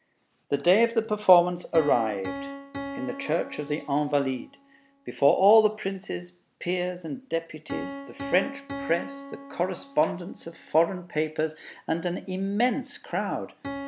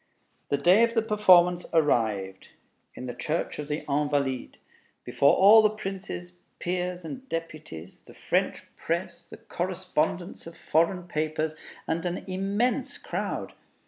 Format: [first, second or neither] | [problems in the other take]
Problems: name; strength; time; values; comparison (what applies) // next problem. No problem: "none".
second | background sound (Piano); 14 dB below the speech